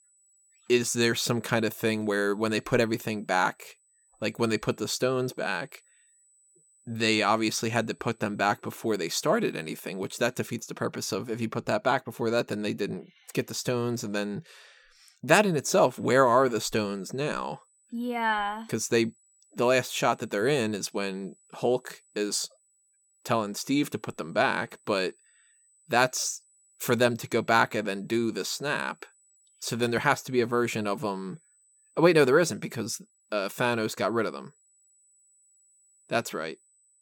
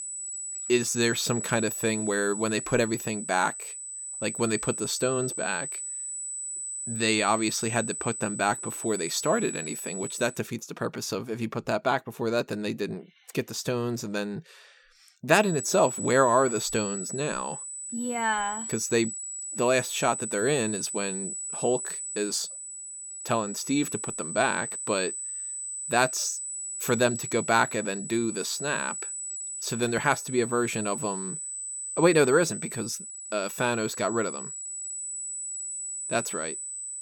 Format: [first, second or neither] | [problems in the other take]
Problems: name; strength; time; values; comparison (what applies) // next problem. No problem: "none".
first | high-pitched whine; loud; until 10 s and from 15 s on; 8 kHz, 5 dB below the speech; faint in the first